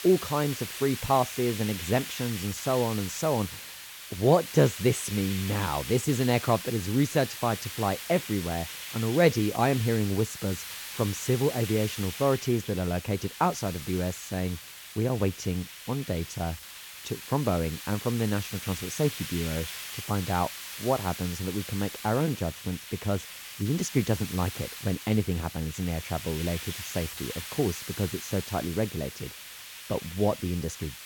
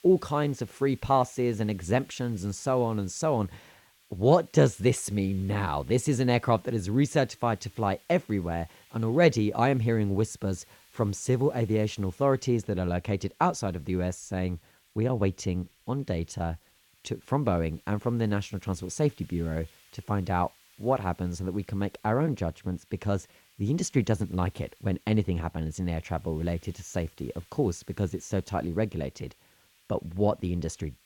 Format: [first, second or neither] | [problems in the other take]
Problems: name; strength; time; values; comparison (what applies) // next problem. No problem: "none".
second | hiss; loud; throughout; 9 dB below the speech; faint in the second